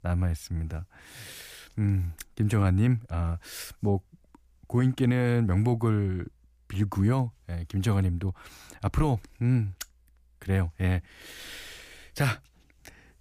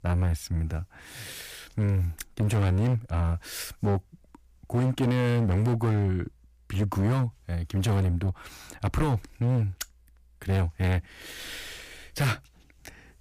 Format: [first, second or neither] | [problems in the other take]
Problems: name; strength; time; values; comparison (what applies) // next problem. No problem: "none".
first | distortion; slight; 12% of the sound clipped